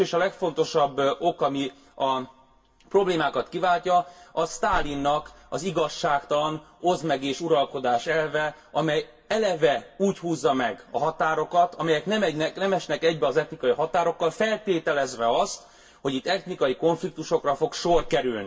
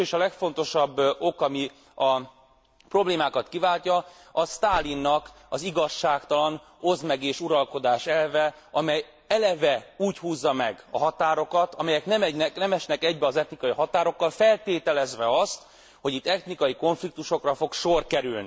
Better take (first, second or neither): second